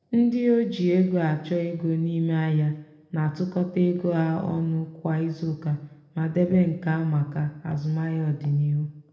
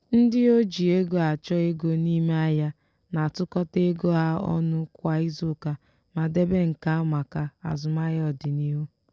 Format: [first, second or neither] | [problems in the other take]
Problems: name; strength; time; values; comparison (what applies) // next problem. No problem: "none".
second | room echo; dies away in 0.9 s